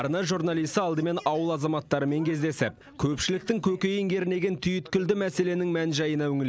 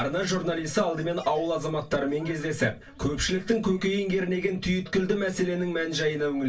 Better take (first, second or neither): first